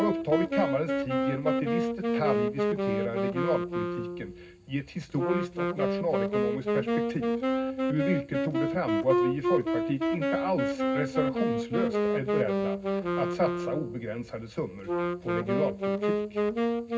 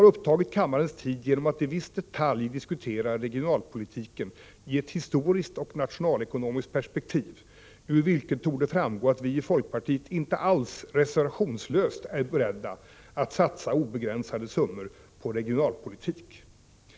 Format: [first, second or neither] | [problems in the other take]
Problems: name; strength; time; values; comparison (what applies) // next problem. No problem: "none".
second | background sound (Wind instrument, woodwind instrument); 4 dB above the speech // room echo; dies away in 0.4 s